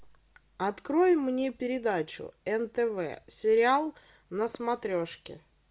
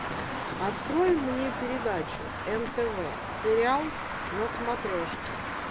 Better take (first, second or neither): first